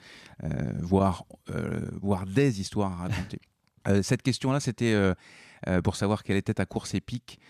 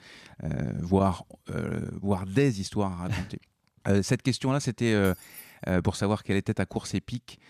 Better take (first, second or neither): first